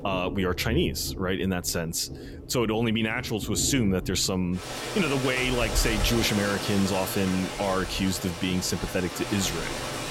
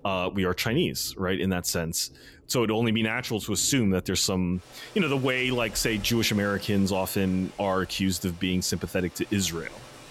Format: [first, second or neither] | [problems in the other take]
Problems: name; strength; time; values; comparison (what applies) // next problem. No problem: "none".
second | rain or running water; loud; throughout; 7 dB below the speech; faint in the second